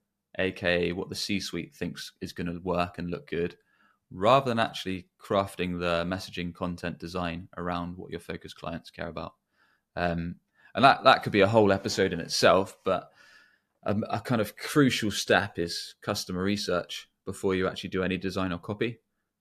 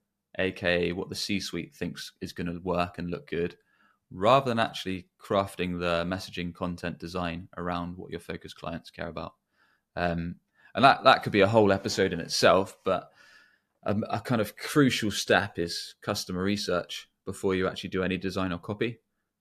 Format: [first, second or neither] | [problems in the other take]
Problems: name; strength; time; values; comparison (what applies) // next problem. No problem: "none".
neither | none